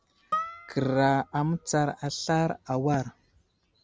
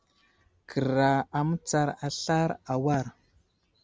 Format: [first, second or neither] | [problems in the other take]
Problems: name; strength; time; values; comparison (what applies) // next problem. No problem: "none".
second | background sound (Harp); 10 dB below the speech